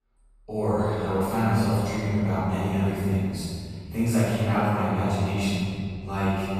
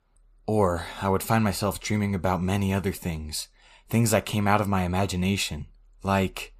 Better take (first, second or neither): second